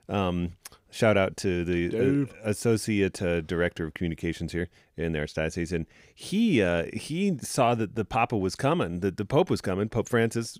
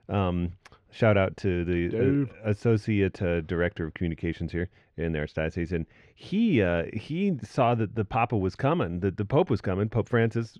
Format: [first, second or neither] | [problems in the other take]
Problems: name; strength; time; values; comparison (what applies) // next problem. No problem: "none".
first | muffled; slightly; fading above 3 kHz